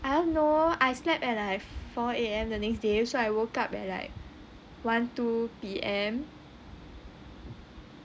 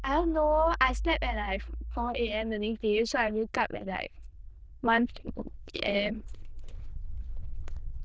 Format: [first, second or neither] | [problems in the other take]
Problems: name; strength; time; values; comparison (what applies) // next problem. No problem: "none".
first | noise reduction (neural diffusion model UNIVERSE++)